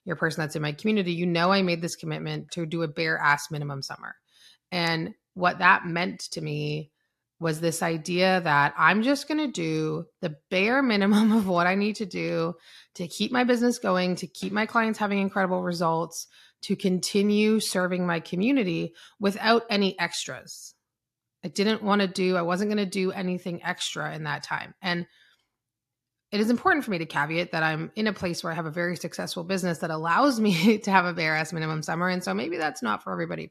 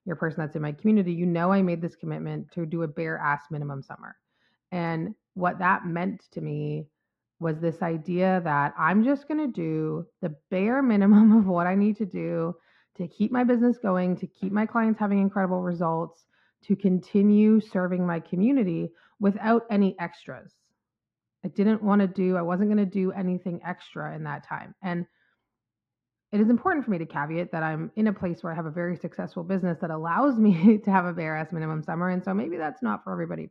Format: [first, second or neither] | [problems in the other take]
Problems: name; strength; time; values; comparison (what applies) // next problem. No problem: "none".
first | muffled; very; fading above 4 kHz